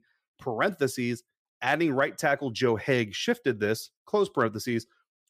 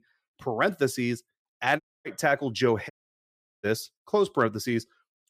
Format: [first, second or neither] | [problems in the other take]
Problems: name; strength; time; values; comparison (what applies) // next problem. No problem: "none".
first | audio cutting out; at 2 s and at 3 s for 0.5 s